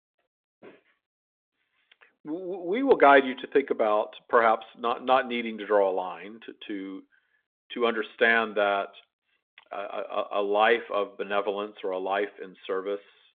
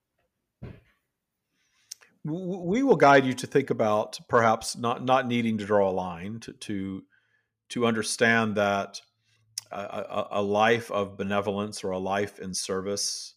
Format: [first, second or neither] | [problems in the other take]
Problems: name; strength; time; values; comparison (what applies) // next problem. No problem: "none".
second | phone-call audio; nothing above 3.5 kHz